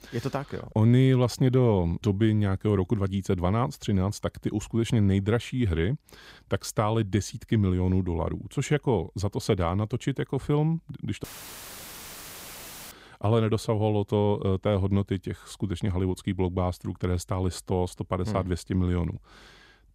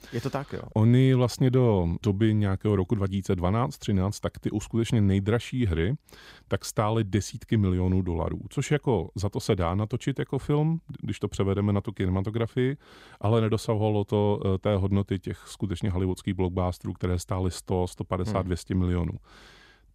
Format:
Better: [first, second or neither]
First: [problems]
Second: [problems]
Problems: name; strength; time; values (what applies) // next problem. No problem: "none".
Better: second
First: audio cutting out; filled with static; at 11 s for 1.5 s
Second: none